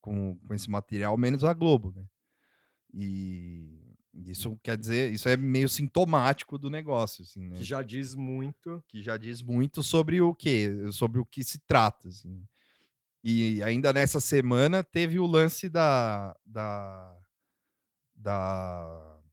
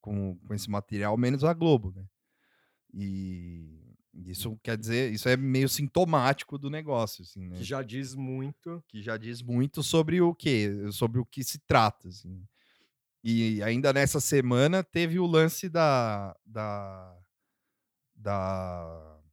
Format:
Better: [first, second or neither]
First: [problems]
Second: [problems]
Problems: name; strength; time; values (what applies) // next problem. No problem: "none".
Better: second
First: garbled, watery; slightly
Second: none